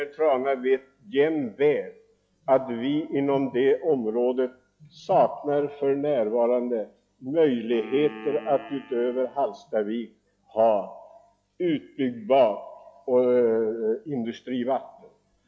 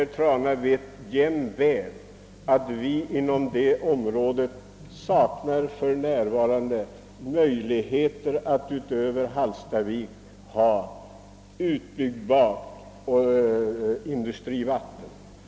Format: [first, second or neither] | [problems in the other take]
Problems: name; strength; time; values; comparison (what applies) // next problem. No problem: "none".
second | noise reduction (classical method log-MMSE)